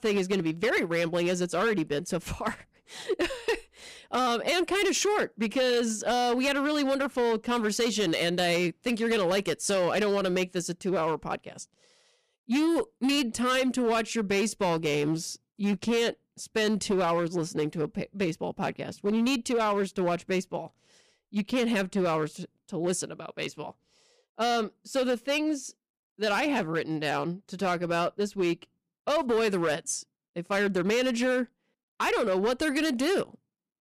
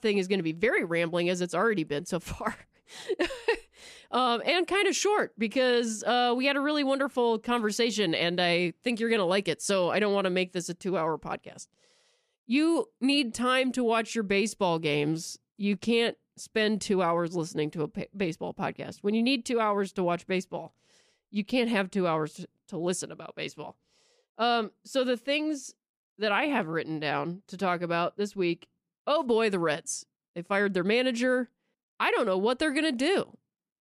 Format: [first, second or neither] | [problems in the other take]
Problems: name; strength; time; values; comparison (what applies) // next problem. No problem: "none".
second | distortion; slight; 10% of the sound clipped